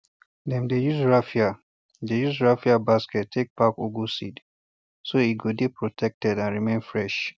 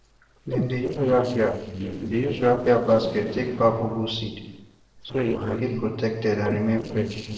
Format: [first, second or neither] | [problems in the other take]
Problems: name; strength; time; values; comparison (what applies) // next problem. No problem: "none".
first | noise reduction (neural separator model SepFormer DNS4)